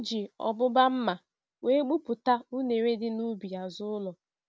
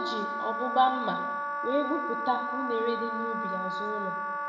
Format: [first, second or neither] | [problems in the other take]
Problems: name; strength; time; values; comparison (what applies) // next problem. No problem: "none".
first | background sound (Wind instrument, woodwind instrument); 1 dB below the speech // room echo; dies away in 0.9 s